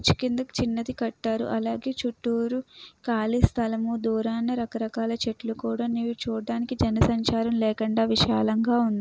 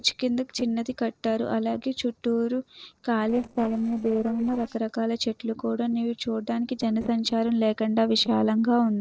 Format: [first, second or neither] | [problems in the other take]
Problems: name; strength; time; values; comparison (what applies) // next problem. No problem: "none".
first | noise reduction (neural separator model SepFormer DNS4)